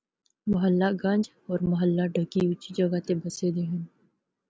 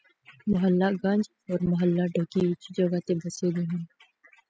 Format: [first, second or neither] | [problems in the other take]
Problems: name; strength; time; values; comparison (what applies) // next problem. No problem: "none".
first | noise reduction (classical method spectral subtraction)